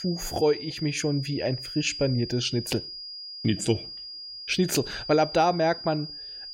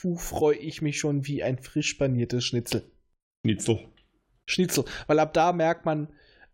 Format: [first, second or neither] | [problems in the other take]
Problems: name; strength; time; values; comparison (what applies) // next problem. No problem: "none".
second | high-pitched whine; loud; throughout; 5 kHz, 10 dB below the speech